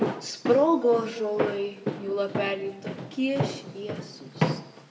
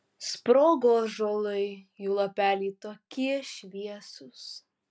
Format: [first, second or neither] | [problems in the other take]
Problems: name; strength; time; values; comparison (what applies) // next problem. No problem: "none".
second | background sound (Walk, footsteps); 4 dB below the speech // room echo; dies away in 1.1 s